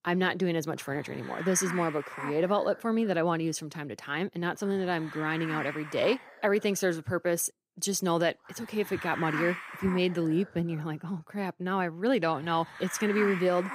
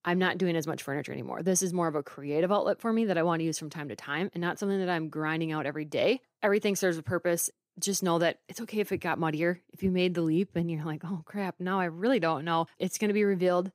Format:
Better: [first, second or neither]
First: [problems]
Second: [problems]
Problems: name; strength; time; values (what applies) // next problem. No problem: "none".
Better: second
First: hiss; loud; throughout; 10 dB below the speech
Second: none